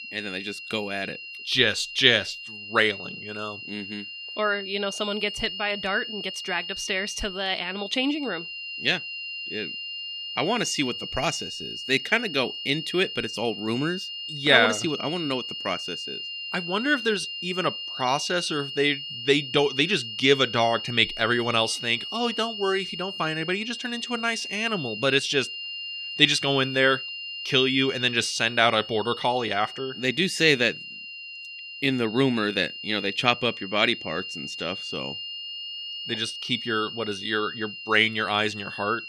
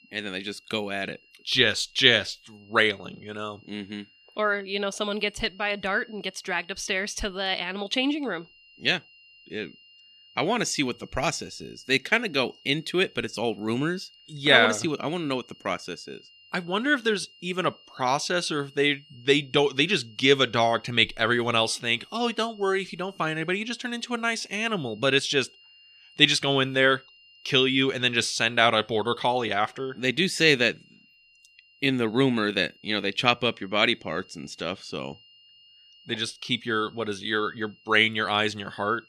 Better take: second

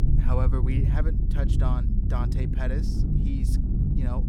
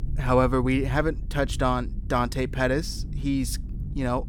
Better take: second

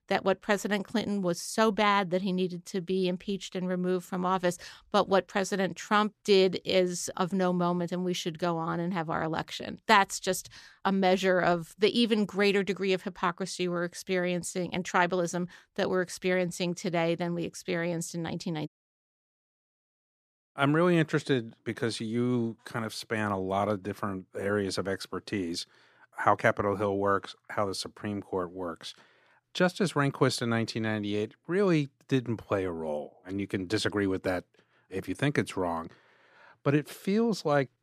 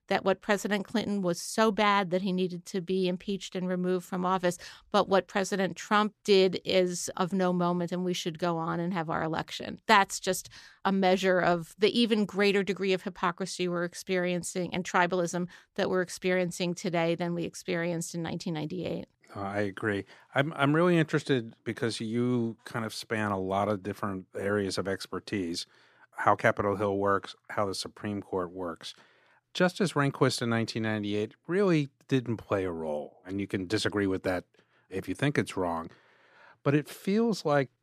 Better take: second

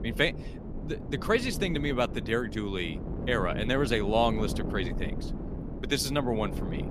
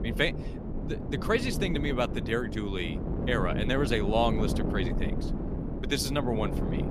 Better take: first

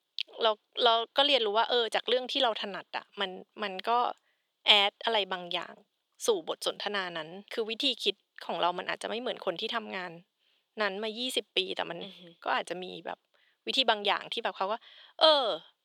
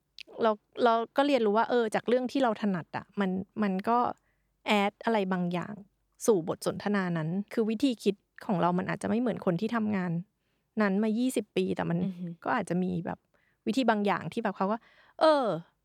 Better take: second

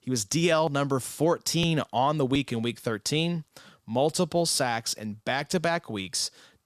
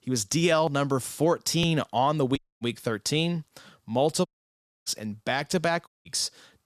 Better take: first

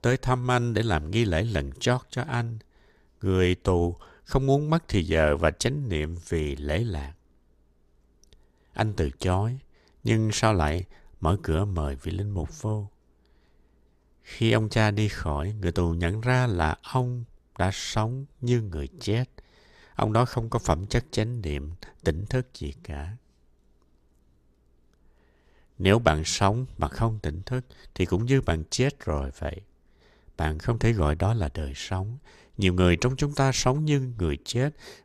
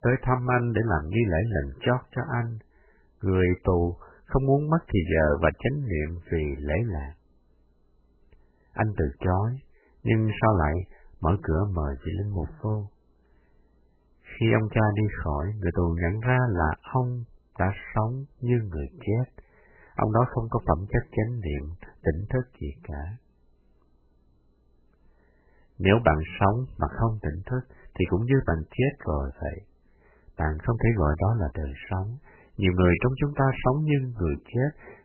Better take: first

